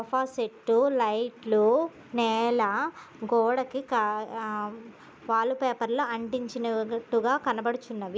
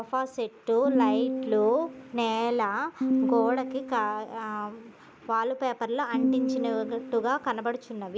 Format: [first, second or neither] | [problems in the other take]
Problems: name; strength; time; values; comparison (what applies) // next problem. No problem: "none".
first | background sound (Piano); 2 dB below the speech